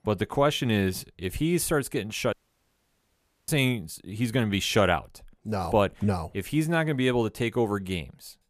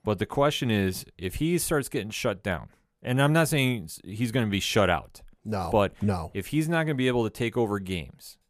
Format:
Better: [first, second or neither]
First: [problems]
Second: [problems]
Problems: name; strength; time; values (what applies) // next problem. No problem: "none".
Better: second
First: audio cutting out; at 2.5 s for 1 s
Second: none